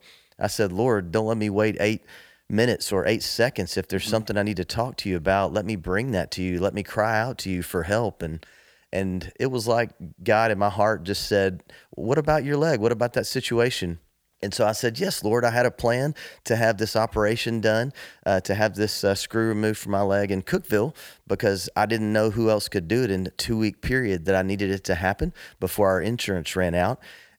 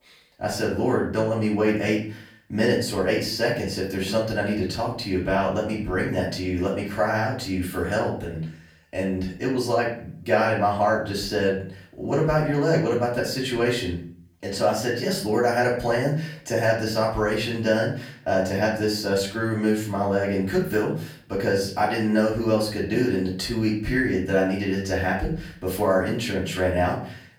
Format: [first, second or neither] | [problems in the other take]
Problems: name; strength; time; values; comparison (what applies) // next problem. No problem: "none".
first | off-mic speech; far // room echo; slight; dies away in 0.4 s